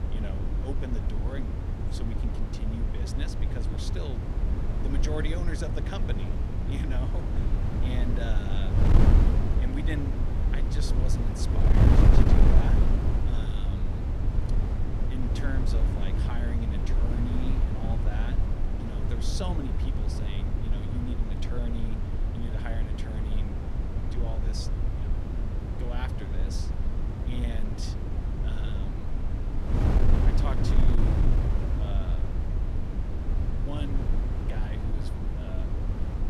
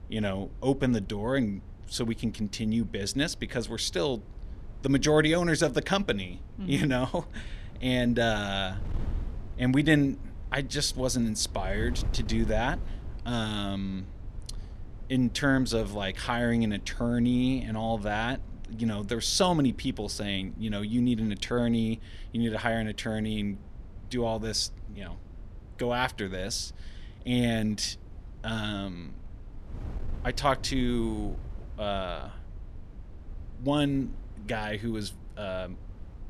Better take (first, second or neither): second